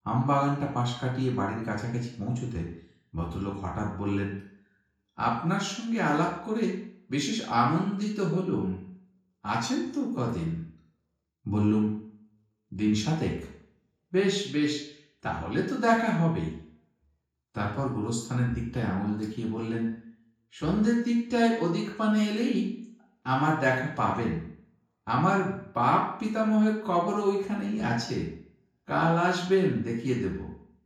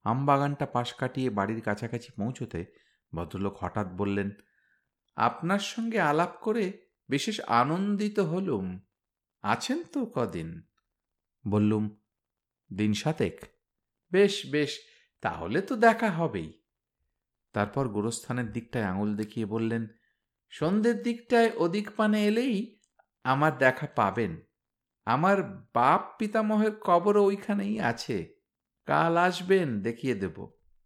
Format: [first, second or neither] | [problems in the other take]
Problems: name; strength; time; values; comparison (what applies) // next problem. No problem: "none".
second | room echo; noticeable; dies away in 0.5 s // off-mic speech; far